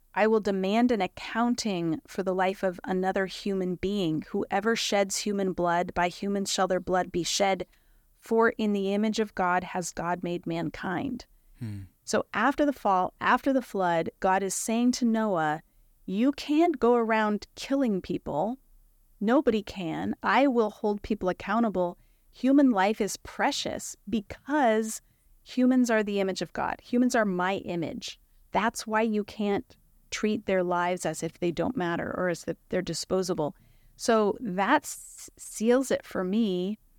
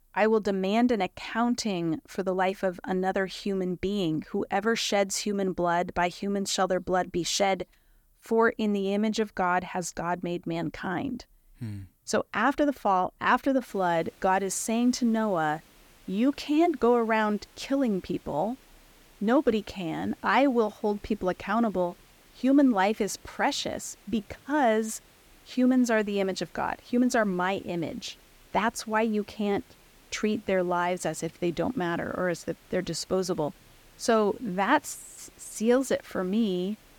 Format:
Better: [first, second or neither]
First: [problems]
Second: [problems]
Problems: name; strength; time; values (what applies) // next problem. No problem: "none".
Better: first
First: none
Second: hiss; faint; from 14 s on; 30 dB below the speech